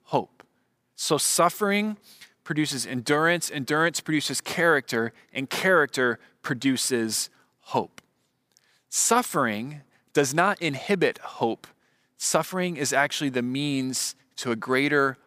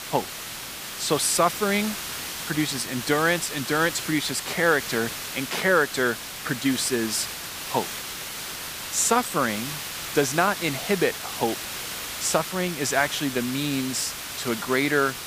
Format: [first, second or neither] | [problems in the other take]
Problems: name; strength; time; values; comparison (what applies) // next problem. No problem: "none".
first | hiss; loud; throughout; 7 dB below the speech